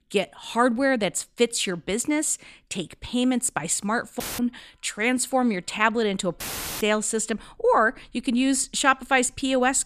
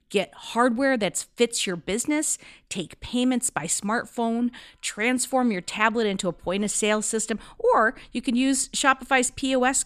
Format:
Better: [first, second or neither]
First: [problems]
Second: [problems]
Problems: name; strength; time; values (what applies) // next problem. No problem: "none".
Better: second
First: audio cutting out; filled with static; at 4 s and at 6.5 s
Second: none